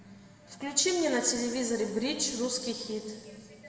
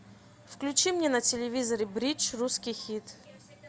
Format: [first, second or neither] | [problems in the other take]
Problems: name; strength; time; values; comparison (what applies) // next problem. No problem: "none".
second | room echo; dies away in 1.7 s